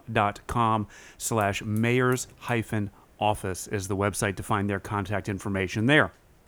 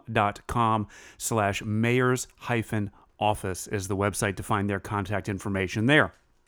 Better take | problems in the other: second | hiss; faint; throughout; 30 dB below the speech

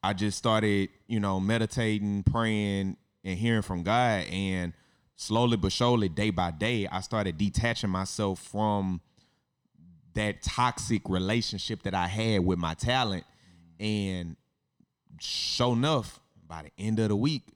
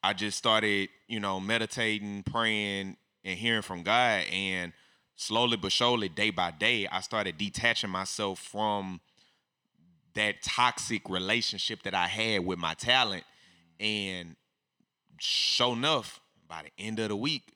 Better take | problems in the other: first | thin; somewhat; fading below 900 Hz

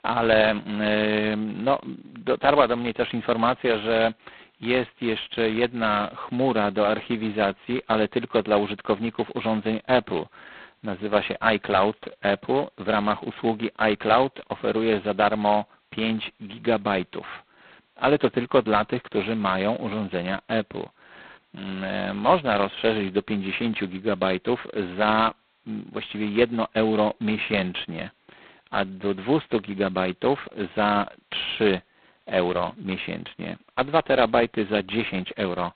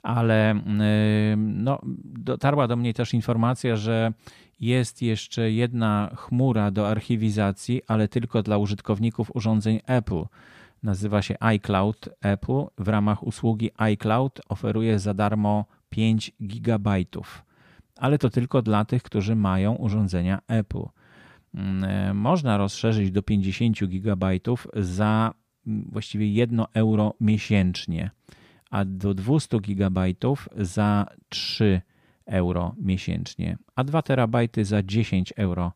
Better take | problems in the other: second | phone-call audio; poor line; nothing above 4 kHz

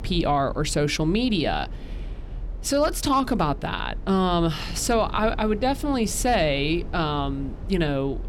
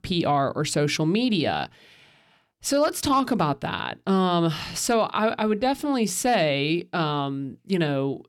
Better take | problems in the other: second | low rumble; faint; throughout; 20 dB below the speech

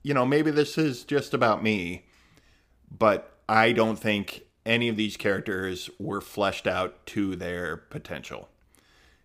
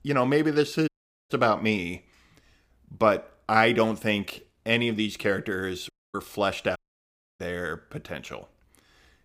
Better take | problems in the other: first | audio cutting out; at 1 s, at 6 s and at 7 s for 0.5 s

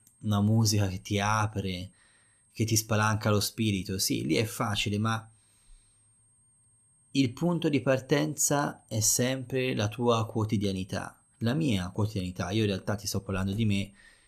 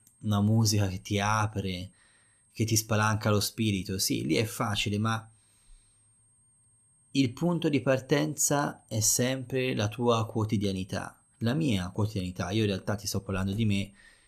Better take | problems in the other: neither | high-pitched whine; faint; throughout; 8.5 kHz, 35 dB below the speech; the same in both

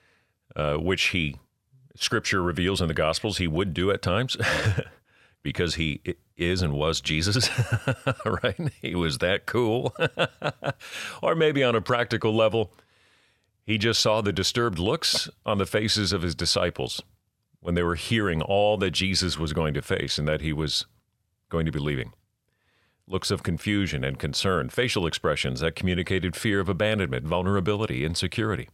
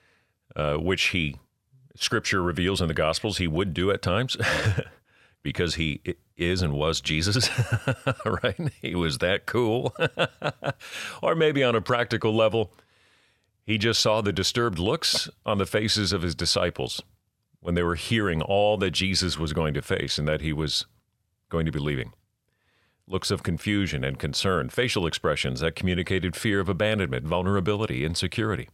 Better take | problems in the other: neither | none

